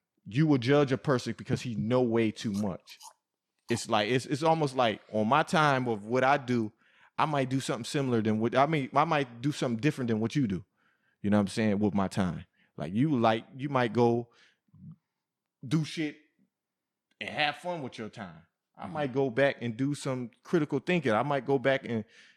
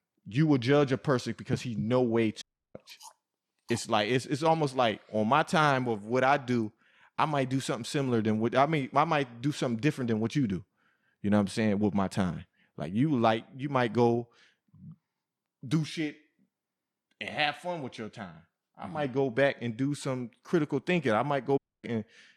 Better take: first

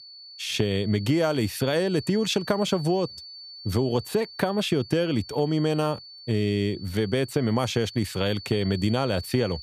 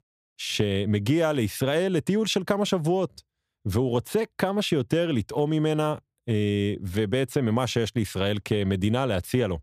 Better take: second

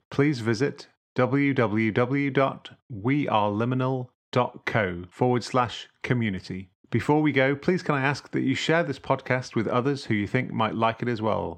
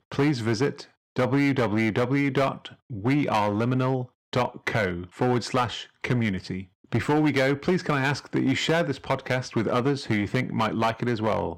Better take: first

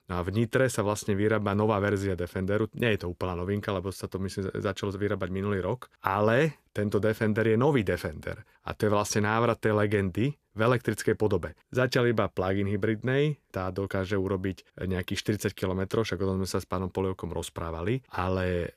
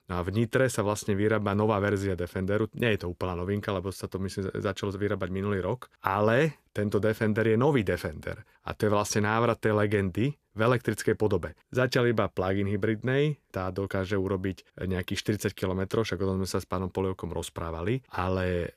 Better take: neither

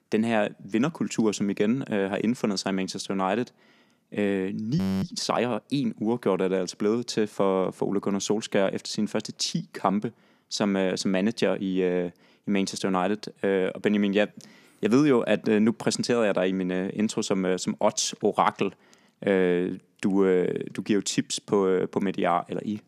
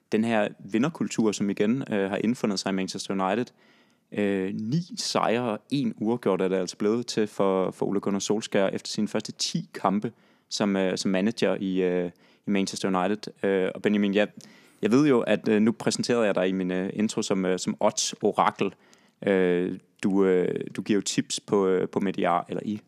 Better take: second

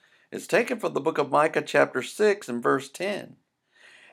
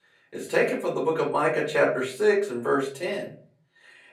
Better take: first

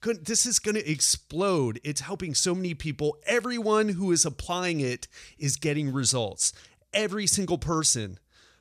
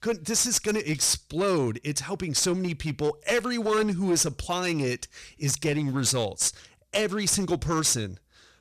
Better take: first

